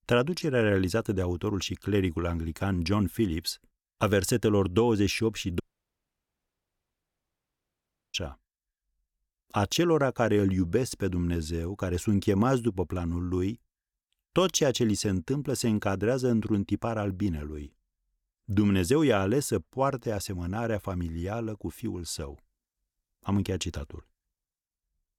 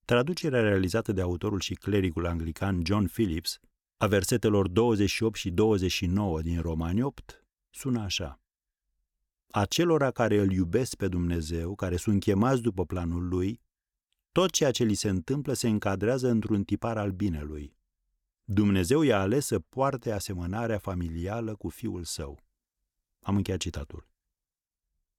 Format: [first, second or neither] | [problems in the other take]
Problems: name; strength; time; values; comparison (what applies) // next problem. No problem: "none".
second | audio cutting out; at 5.5 s for 2.5 s